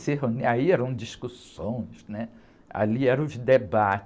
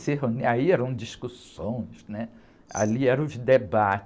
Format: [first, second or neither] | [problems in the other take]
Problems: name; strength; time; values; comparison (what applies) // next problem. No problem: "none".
first | background sound (Glass); 16 dB below the speech